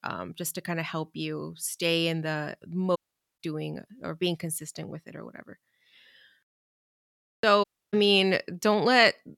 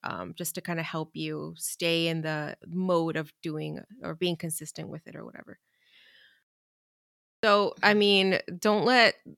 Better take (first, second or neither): second